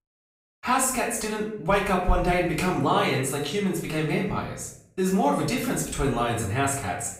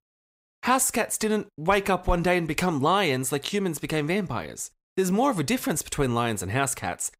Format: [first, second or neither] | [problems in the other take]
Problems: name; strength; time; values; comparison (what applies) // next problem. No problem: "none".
second | room echo; noticeable; dies away in 0.6 s // off-mic speech; far